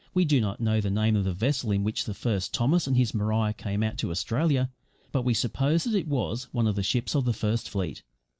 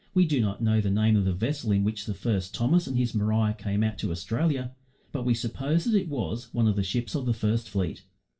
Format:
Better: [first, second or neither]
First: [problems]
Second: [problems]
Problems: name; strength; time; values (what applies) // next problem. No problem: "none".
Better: first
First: none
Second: room echo; dies away in 0.2 s